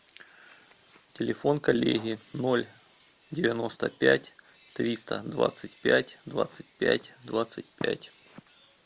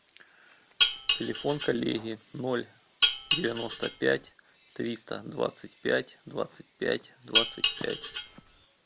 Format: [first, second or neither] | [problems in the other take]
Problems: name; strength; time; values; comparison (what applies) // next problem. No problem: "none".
first | background sound (Dishes, pots, and pans); 3 dB above the speech